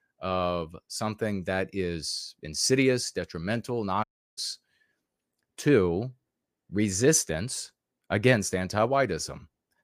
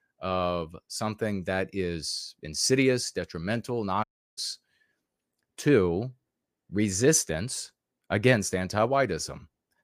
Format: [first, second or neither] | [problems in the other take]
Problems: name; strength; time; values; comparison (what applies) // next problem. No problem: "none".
neither | audio cutting out; at 4 s; the same in both